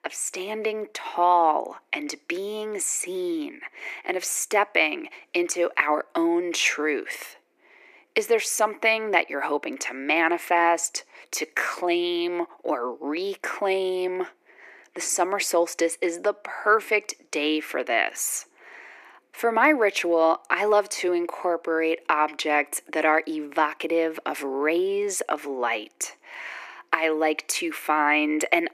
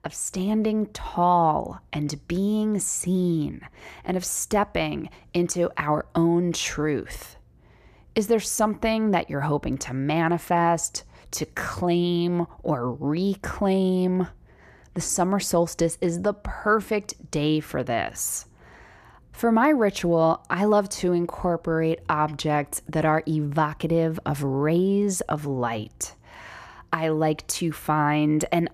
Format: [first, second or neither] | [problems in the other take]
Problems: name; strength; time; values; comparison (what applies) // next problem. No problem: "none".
second | thin; very; fading below 300 Hz